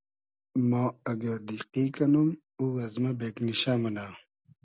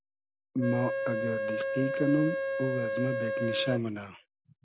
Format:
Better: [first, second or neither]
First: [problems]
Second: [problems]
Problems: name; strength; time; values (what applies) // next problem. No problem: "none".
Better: first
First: none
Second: background sound (Organ); 1 dB above the speech